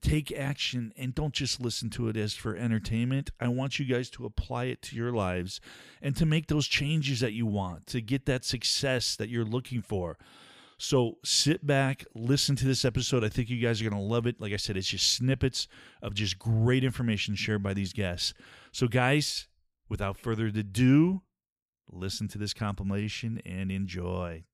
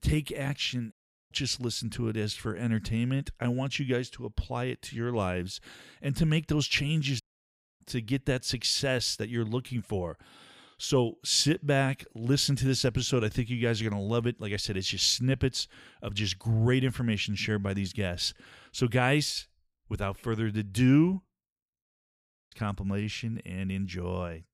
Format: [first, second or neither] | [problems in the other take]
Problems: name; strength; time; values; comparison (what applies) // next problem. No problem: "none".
first | audio cutting out; at 1 s, at 7 s for 0.5 s and at 22 s for 0.5 s